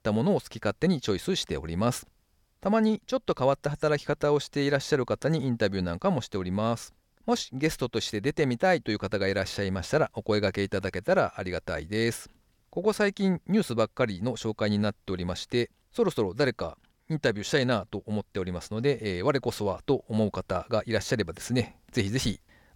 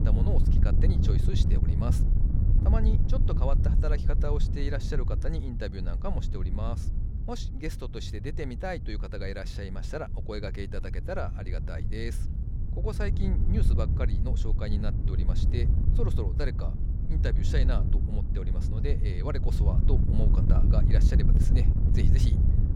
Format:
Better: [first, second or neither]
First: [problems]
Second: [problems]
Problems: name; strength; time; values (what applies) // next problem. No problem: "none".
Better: first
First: none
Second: wind noise on the microphone; heavy; 4 dB below the speech